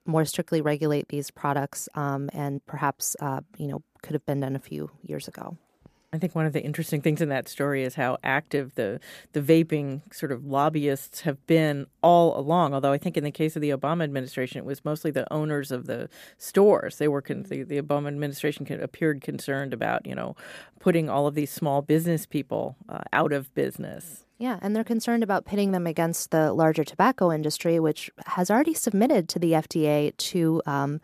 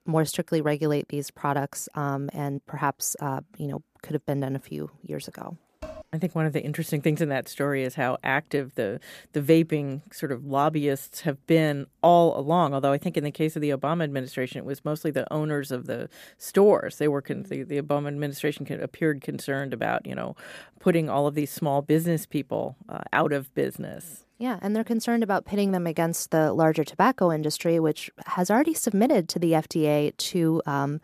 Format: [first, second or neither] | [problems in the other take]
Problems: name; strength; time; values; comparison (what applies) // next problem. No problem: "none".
first | clattering dishes; faint; at 6 s; peak 15 dB below the speech